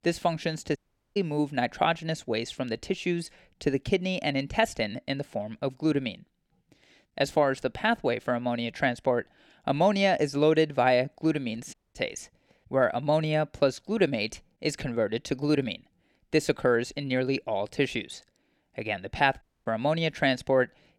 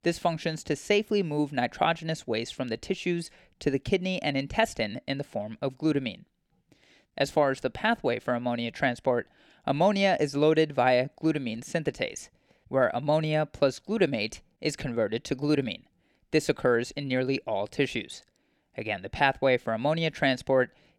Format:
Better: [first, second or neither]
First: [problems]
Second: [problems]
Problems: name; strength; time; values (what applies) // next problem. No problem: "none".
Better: second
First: audio cutting out; at 1 s, at 12 s and at 19 s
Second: none